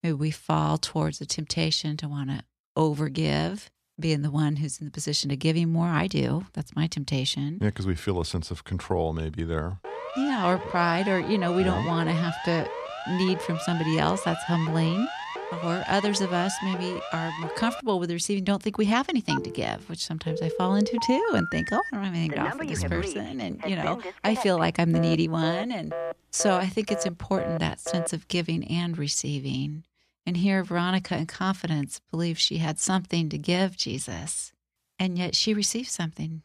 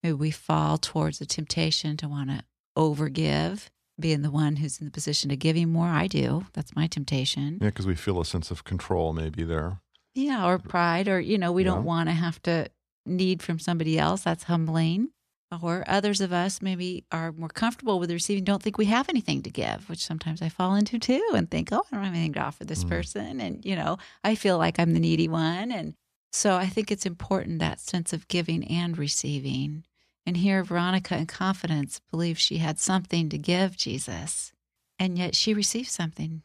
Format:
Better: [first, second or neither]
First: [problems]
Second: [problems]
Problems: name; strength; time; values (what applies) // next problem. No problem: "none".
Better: second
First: siren; noticeable; from 10 to 18 s; peak 7 dB below the speech // phone ringing; noticeable; from 19 to 28 s; peak 3 dB below the speech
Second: none